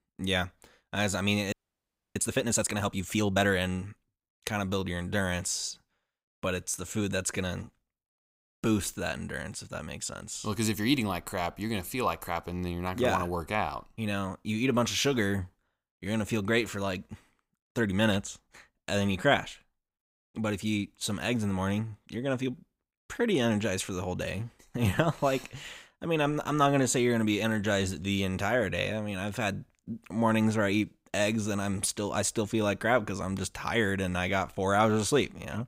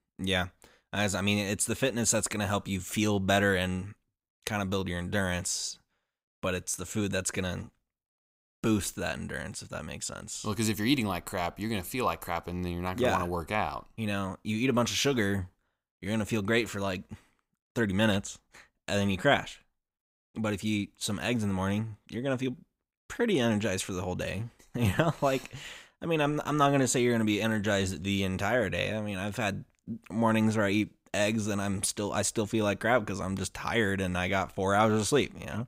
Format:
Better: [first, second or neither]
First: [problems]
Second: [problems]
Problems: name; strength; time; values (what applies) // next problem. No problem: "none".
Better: second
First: audio freezing; at 1.5 s for 0.5 s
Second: none